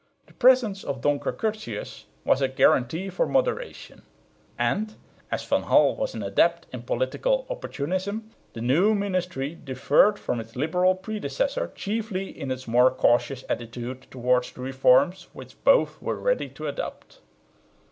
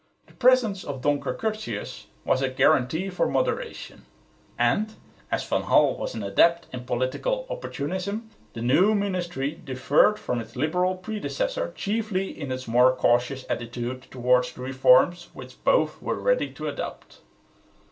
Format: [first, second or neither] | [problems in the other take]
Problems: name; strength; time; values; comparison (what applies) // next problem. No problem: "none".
first | room echo; dies away in 0.2 s